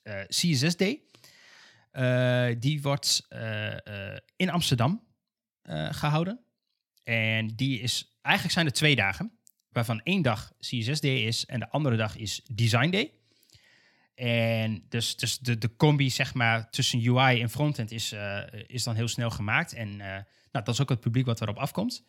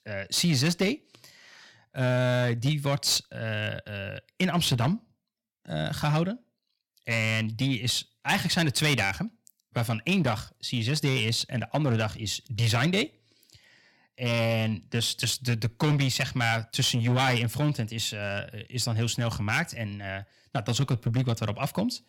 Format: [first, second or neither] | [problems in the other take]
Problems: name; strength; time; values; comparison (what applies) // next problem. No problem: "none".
first | distortion; slight; 6% of the sound clipped